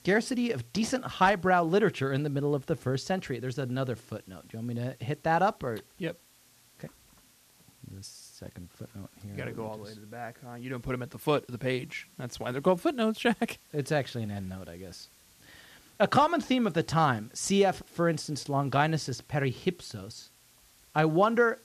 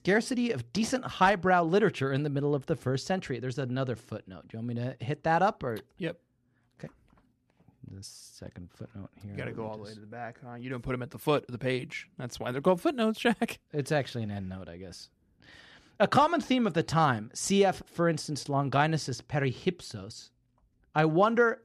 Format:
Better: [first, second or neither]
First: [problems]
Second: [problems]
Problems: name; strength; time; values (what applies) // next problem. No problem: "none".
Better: second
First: hiss; faint; throughout; 30 dB below the speech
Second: none